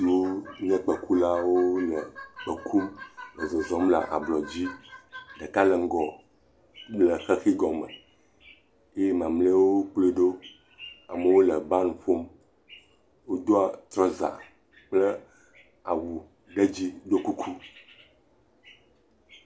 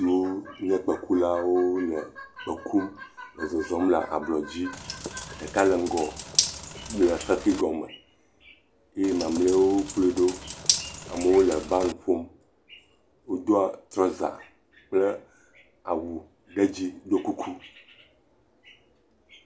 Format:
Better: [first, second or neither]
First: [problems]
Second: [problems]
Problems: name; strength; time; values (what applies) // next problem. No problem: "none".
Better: first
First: none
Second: background sound (Bathtub (filling or washing)); 6 dB below the speech